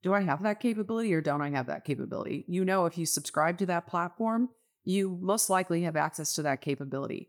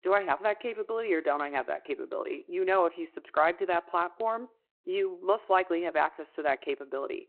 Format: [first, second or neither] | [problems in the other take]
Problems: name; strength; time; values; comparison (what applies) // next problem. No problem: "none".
first | phone-call audio; nothing above 4 kHz